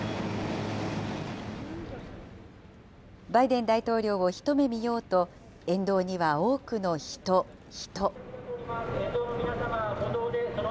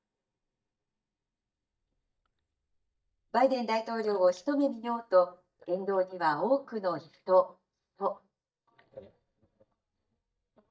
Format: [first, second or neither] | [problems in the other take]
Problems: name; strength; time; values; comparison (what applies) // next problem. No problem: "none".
first | noise reduction (neural mask model DeepFilterNet 3)